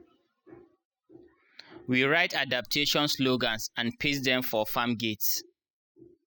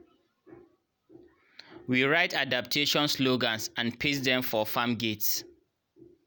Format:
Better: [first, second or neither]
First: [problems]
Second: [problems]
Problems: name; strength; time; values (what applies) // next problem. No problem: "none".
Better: second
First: noise reduction (classical method spectral subtraction)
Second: none